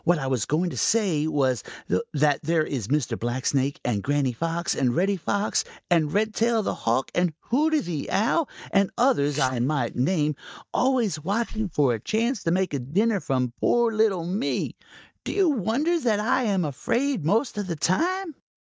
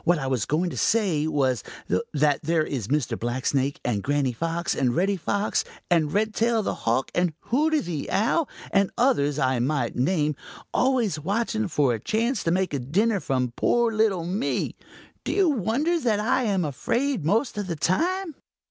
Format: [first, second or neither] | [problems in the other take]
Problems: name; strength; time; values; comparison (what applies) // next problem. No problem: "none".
second | noise reduction (neural mask model DeepFilterNet 3)